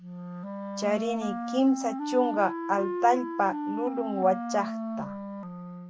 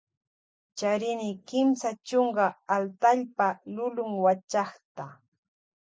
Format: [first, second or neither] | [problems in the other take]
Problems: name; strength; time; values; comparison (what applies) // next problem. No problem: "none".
second | background sound (Wind instrument, woodwind instrument); 5 dB below the speech